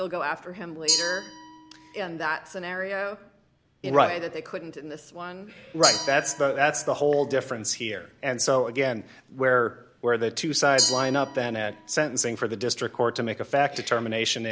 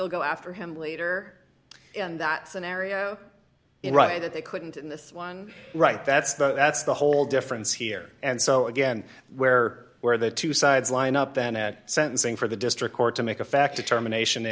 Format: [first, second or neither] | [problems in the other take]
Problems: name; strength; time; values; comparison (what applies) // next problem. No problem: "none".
second | background sound (Glass); 9 dB below the speech